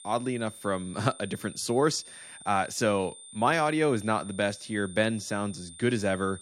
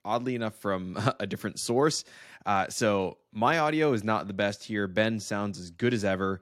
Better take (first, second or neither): second